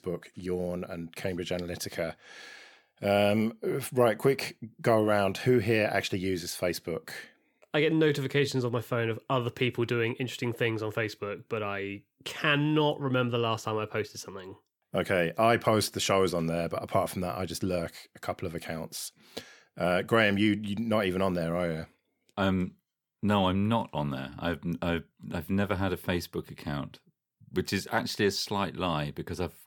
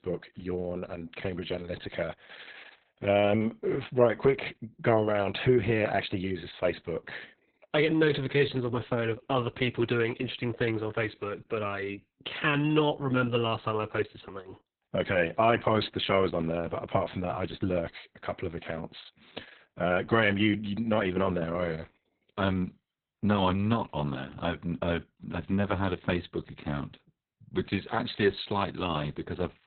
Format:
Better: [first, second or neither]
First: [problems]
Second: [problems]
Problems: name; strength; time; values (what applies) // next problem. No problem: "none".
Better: first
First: none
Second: garbled, watery; badly; nothing above 4 kHz